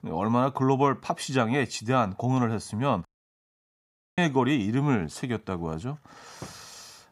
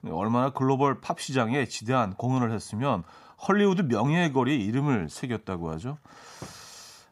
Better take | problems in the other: second | audio cutting out; at 3 s for 1 s

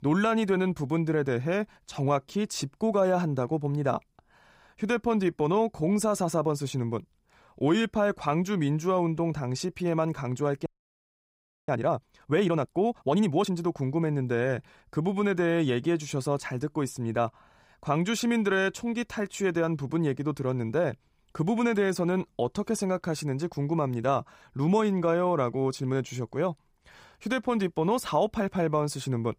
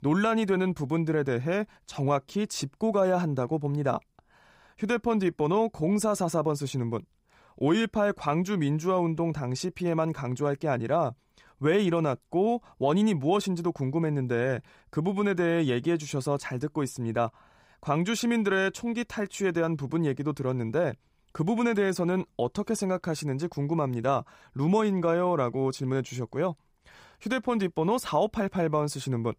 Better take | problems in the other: second | audio freezing; at 11 s for 1 s

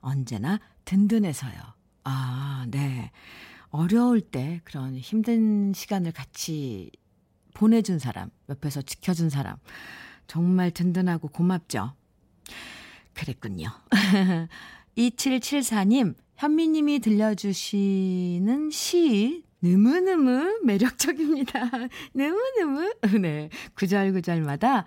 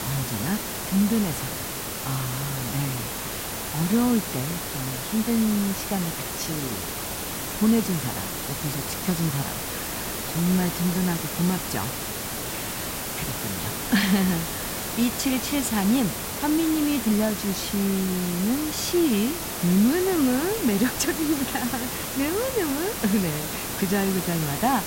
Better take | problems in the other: first | hiss; loud; throughout; 3 dB below the speech

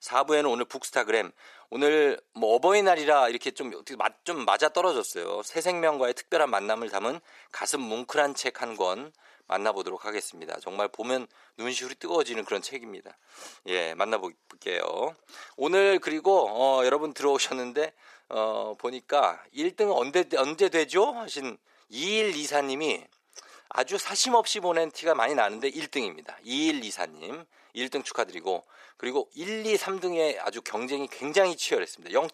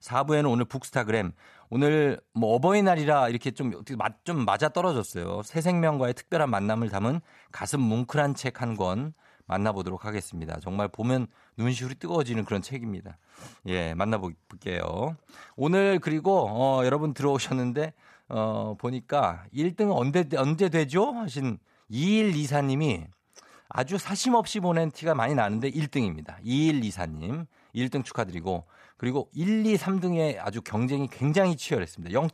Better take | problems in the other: second | thin; somewhat; fading below 350 Hz

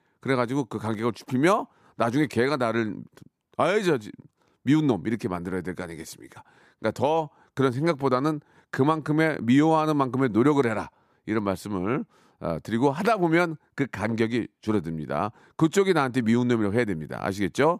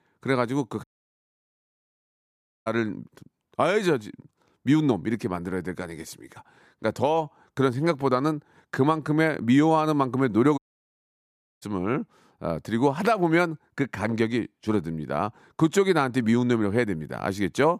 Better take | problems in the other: first | audio cutting out; at 1 s for 2 s and at 11 s for 1 s

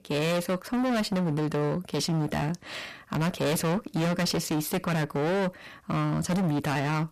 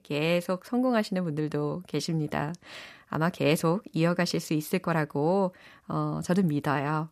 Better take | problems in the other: second | distortion; heavy; 30% of the sound clipped

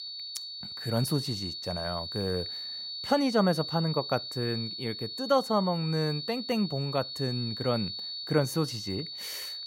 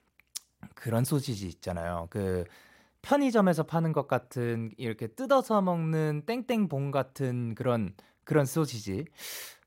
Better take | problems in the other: second | high-pitched whine; loud; throughout; 4.5 kHz, 5 dB below the speech

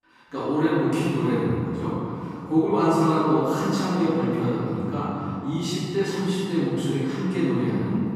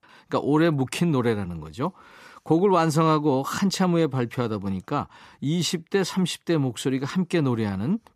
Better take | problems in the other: second | off-mic speech; far // room echo; strong; dies away in 2.9 s

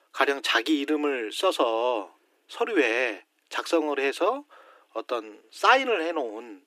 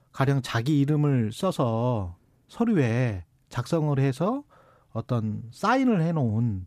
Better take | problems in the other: second | thin; very; fading below 300 Hz

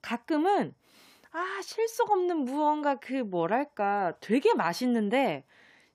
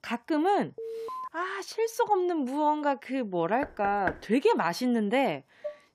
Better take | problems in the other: first | alarm; noticeable; at 1 s; peak 9 dB below the speech // door banging; noticeable; at 3.5 s; peak 8 dB below the speech // clattering dishes; faint; at 5.5 s; peak 15 dB below the speech

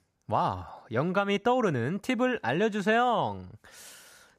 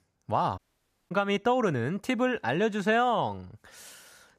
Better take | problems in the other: first | audio cutting out; at 0.5 s for 0.5 s

